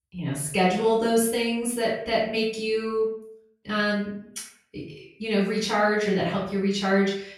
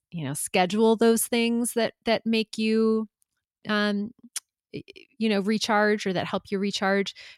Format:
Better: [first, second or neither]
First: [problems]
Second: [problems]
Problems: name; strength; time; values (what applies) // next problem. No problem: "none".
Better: second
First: room echo; noticeable; dies away in 0.5 s // off-mic speech; far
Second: none